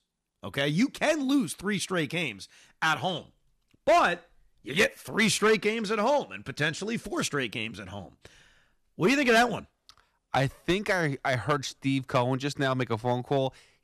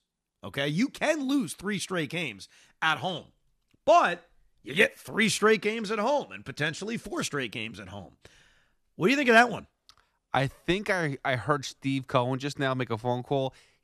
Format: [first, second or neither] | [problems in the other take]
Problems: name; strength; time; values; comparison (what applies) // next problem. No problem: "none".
second | distortion; slight; 2% of the sound clipped